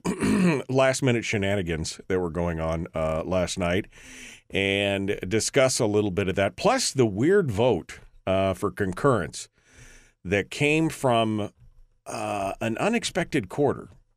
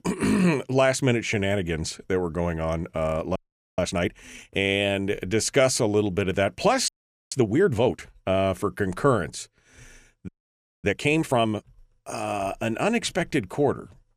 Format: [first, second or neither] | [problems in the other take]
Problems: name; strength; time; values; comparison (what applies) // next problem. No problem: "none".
first | audio freezing; at 3.5 s, at 7 s and at 10 s for 0.5 s